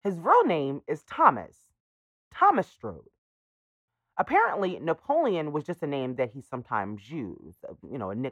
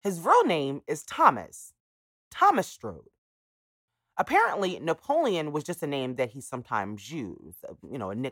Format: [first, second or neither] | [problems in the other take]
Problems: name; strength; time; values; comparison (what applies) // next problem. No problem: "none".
second | muffled; very; fading above 3.5 kHz